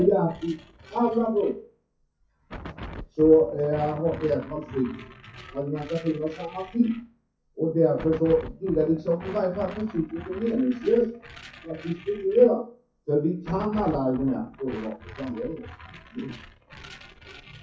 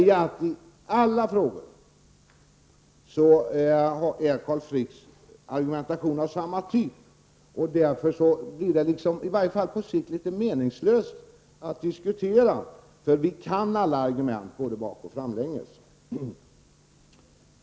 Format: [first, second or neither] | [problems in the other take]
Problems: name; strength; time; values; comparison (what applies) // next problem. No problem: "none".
second | noise reduction (classical method WPE with log-MMSE)